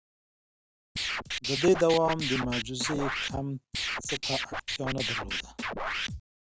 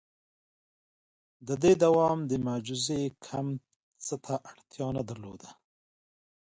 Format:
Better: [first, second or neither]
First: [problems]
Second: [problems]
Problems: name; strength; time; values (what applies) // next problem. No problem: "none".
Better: second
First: background sound (Scratching (performance technique)); 2 dB below the speech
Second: none